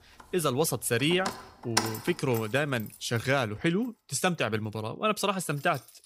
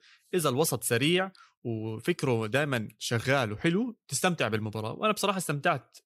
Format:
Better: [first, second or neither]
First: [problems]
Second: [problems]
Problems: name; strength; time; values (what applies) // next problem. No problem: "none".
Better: second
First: household noises; loud; throughout; 7 dB below the speech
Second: none